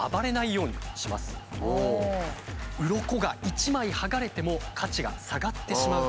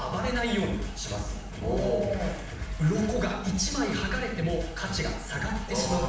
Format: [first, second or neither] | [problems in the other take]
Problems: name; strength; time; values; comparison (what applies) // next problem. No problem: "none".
first | room echo; dies away in 0.7 s